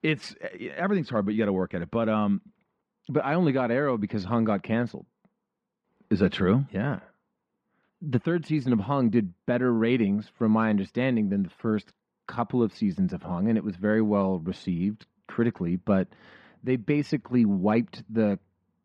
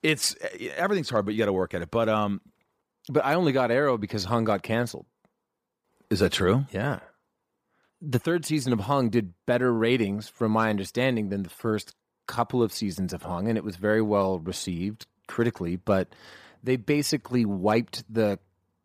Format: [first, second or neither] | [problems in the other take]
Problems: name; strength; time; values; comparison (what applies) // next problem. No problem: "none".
second | muffled; slightly; fading above 2.5 kHz